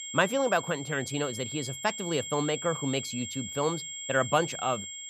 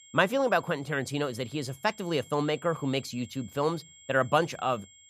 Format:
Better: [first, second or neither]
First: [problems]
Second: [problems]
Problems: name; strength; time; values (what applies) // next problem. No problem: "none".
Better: second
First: high-pitched whine; loud; throughout; 7.5 kHz, 6 dB below the speech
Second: high-pitched whine; faint; throughout; 7.5 kHz, 20 dB below the speech